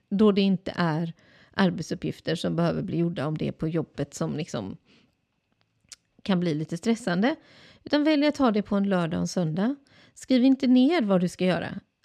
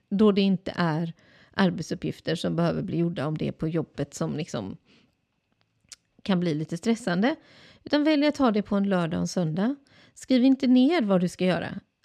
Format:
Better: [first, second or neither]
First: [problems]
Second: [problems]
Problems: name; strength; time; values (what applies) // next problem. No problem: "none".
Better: neither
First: none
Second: none